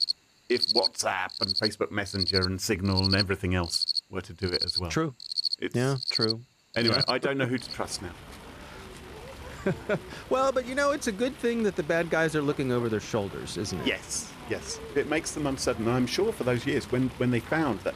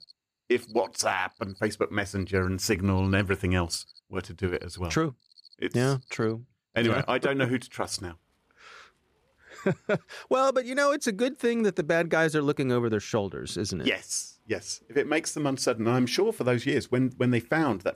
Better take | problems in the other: second | animal sounds; loud; throughout; 2 dB below the speech; faint in the second

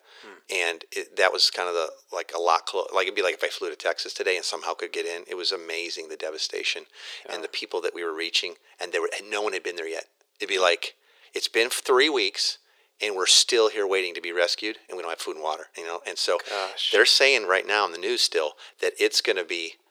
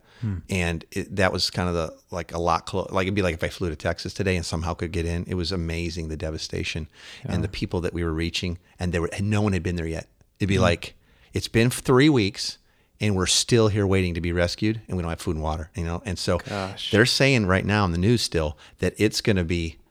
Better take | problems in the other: second | thin; very; fading below 400 Hz

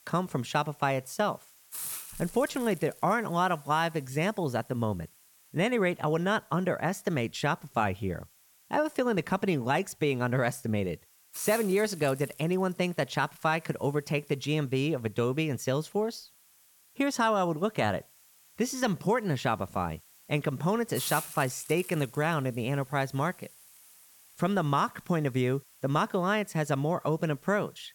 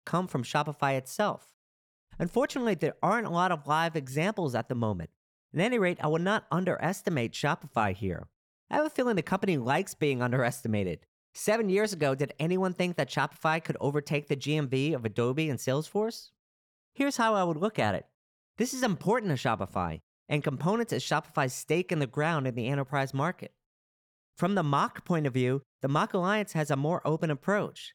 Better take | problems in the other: second | hiss; noticeable; throughout; 15 dB below the speech

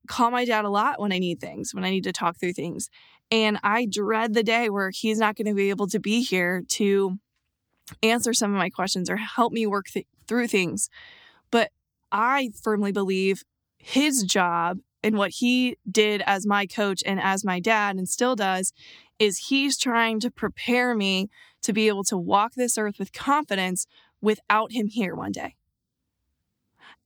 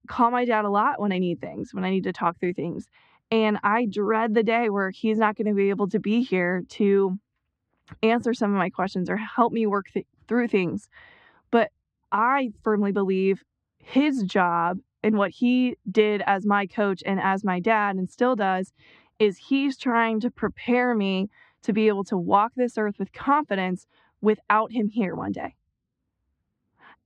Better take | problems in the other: first | muffled; very; fading above 2 kHz

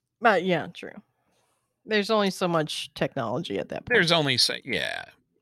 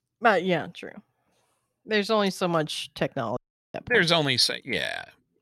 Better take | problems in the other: first | audio cutting out; at 3.5 s

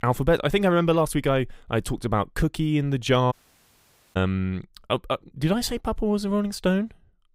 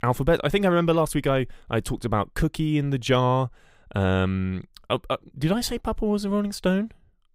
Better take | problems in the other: second | audio cutting out; at 3.5 s for 1 s

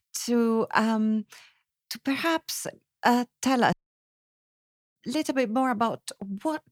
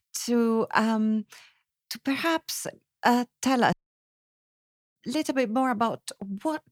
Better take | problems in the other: neither | audio cutting out; at 3.5 s for 1 s; the same in both

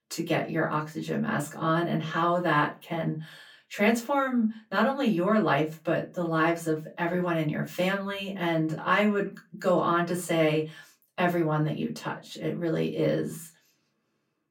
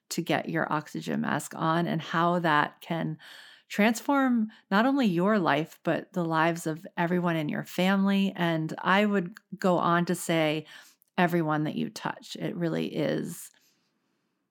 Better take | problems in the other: second | off-mic speech; far // room echo; very slight; dies away in 0.2 s

